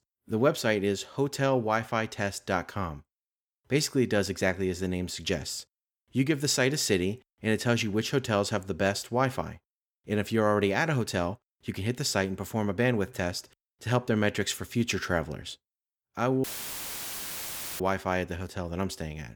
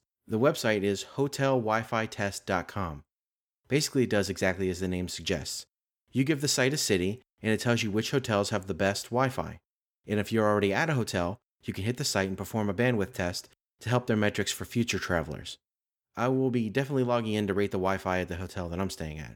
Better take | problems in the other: second | audio cutting out; filled with static; at 16 s for 1.5 s

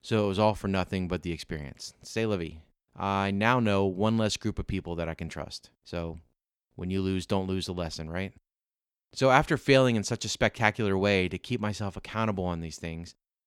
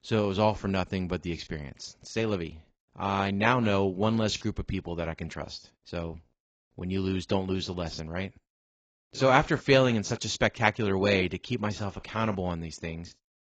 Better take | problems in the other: first | garbled, watery; badly; nothing above 7.5 kHz

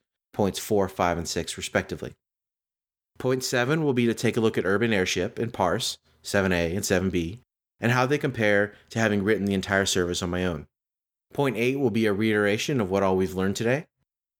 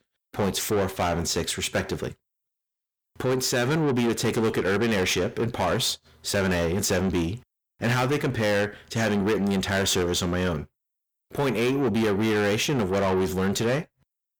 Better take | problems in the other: first | distortion; heavy; 7 dB below the speech

